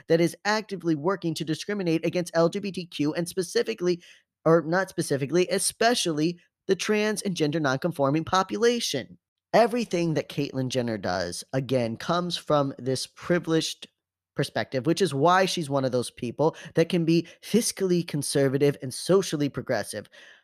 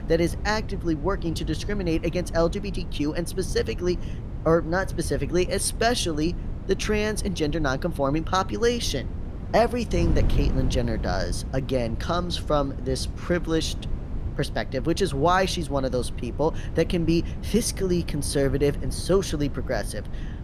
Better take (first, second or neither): first